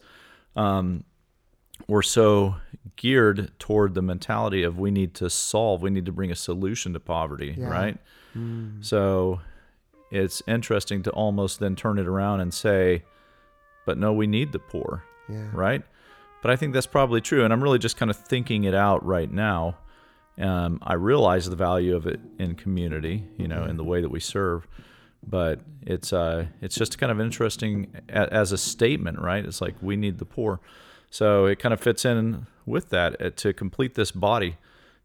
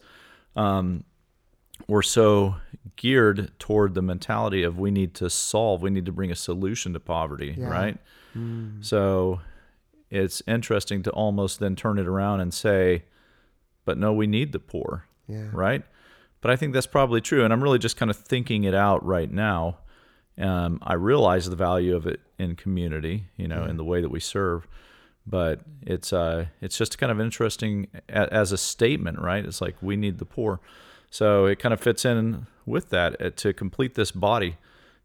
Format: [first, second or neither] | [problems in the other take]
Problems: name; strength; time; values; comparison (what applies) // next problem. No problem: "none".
second | background music; faint; from 10 s on; 25 dB below the speech